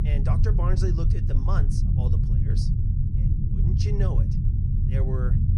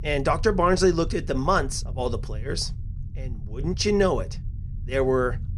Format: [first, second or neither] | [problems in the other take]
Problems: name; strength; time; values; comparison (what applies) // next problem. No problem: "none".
second | low rumble; loud; throughout; as loud as the speech; faint in the second